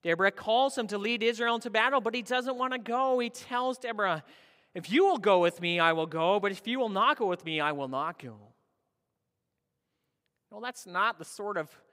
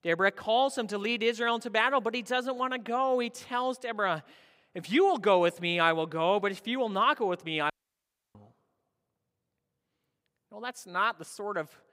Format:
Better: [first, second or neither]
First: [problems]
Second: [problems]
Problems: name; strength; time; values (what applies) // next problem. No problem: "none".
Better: first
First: none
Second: audio cutting out; at 7.5 s for 0.5 s